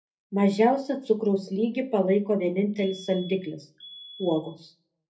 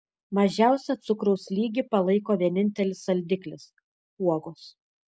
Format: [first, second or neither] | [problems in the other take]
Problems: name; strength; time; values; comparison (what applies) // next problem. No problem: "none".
second | background sound (Alarm); 20 dB below the speech // room echo; dies away in 0.3 s